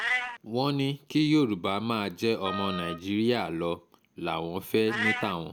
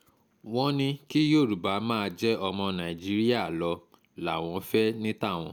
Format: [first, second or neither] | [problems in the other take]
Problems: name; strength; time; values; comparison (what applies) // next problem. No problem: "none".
second | background sound (Meow + Wind instrument, woodwind instrument); 8 dB below the speech